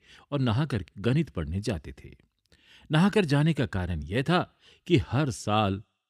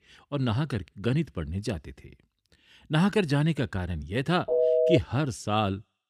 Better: first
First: none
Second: phone ringing; loud; at 4.5 s; peak 5 dB above the speech

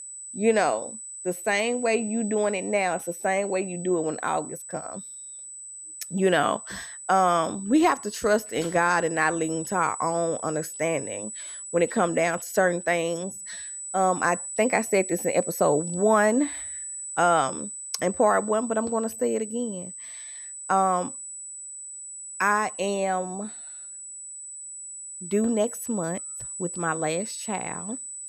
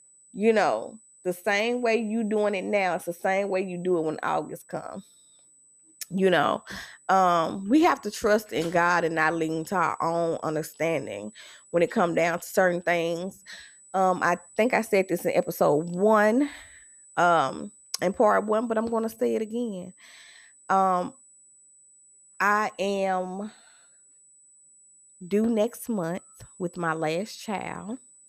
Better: second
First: high-pitched whine; loud; throughout; 8 kHz, 10 dB below the speech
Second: high-pitched whine; faint; throughout; 8 kHz, 25 dB below the speech

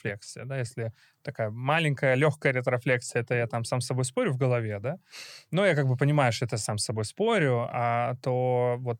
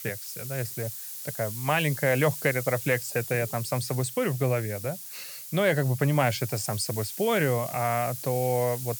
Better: first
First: none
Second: hiss; loud; throughout; 8 dB below the speech

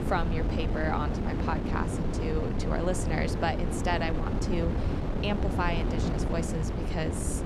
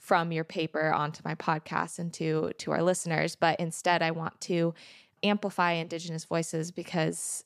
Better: second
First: wind noise on the microphone; heavy; 3 dB below the speech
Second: none

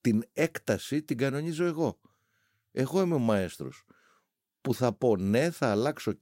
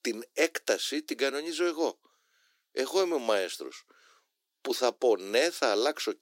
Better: first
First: none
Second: thin; very; fading below 300 Hz

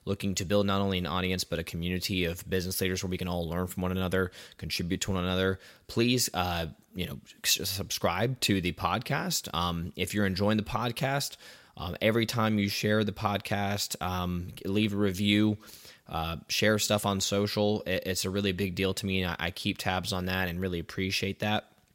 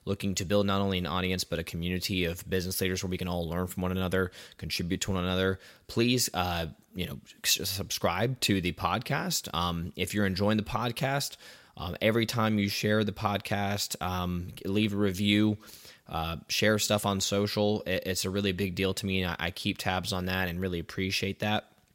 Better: neither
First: none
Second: none

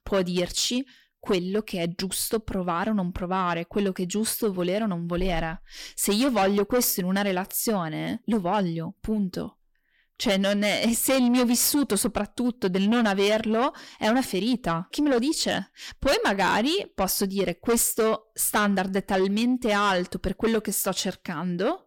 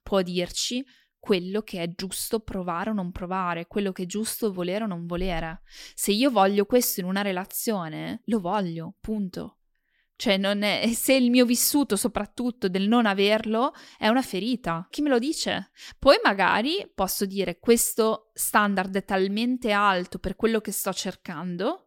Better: second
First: distortion; heavy; 8 dB below the speech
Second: none

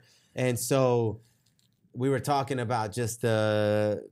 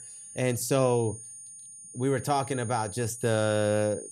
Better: first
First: none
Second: high-pitched whine; noticeable; throughout; 9 kHz, 15 dB below the speech

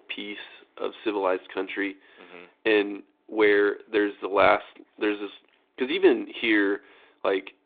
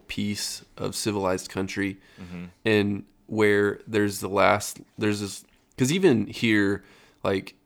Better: second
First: phone-call audio; nothing above 3.5 kHz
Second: none

